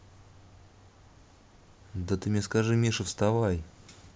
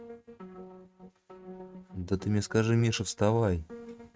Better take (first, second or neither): first